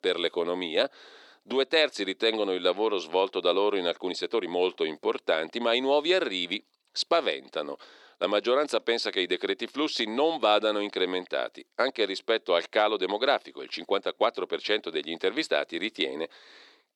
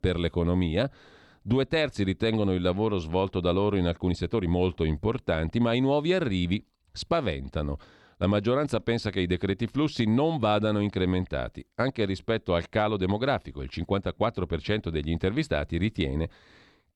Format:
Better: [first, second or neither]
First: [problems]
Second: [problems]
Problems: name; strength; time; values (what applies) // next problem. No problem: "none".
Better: second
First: thin; somewhat; fading below 350 Hz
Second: none